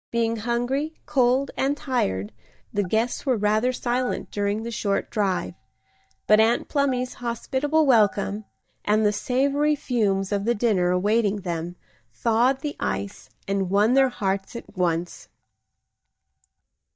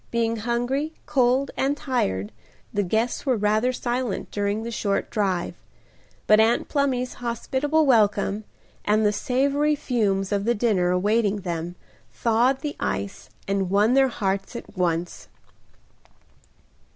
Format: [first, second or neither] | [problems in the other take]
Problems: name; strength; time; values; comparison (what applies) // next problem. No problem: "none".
second | noise reduction (neural mask model DeepFilterNet 3)